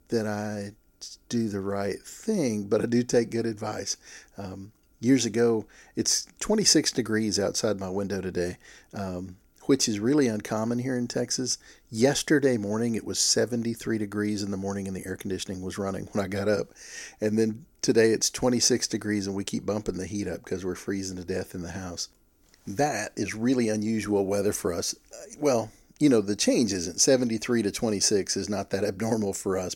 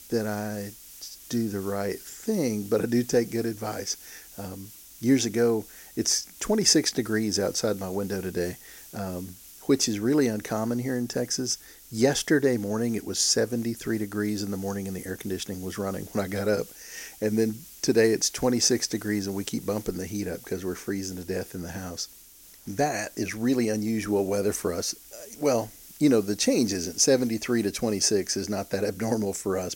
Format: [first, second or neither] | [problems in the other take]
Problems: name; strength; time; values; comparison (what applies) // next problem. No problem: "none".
first | hiss; noticeable; throughout; 20 dB below the speech